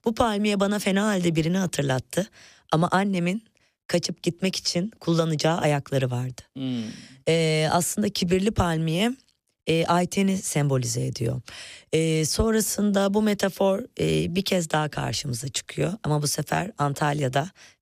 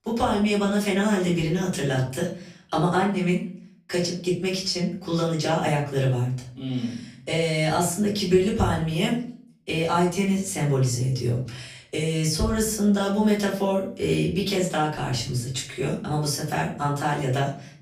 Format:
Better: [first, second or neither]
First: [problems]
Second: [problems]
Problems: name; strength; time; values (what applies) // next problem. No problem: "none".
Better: first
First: none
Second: off-mic speech; far // room echo; slight; dies away in 0.4 s